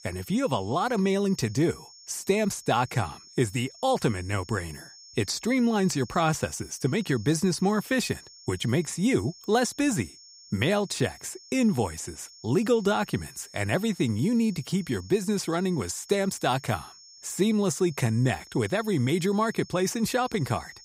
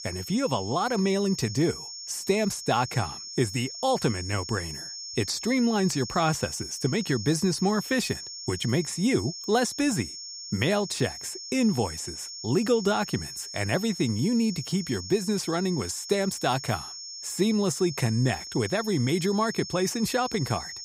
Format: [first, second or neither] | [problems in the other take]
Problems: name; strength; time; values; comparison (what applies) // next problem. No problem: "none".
first | high-pitched whine; loud; throughout; 5.5 kHz, 9 dB below the speech; faint in the first